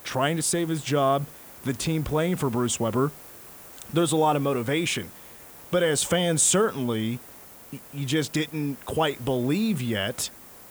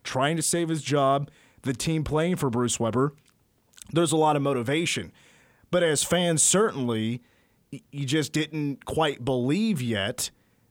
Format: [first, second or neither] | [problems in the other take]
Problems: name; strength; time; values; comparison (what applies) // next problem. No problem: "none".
second | hiss; noticeable; throughout; 20 dB below the speech